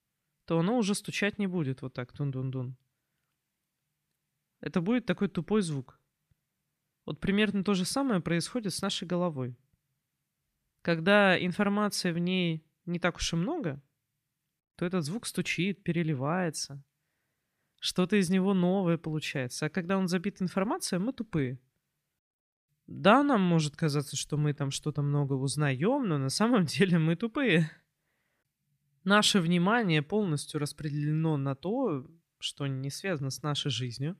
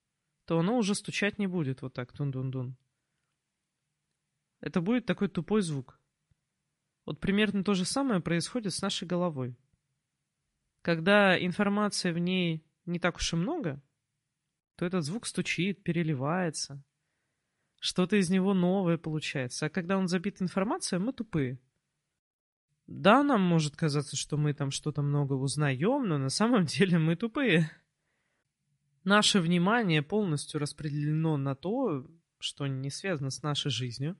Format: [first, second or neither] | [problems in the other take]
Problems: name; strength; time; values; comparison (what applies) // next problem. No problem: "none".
first | garbled, watery; slightly; nothing above 11 kHz